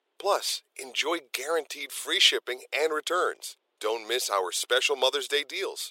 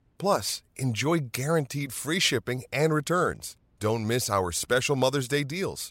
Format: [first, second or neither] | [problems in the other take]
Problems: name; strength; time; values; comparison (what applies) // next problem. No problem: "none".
second | thin; very; fading below 400 Hz